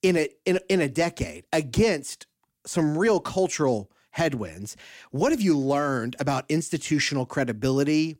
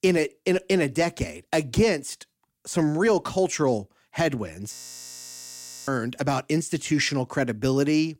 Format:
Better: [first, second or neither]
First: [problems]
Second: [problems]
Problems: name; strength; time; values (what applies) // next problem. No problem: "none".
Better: first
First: none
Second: audio freezing; at 4.5 s for 1 s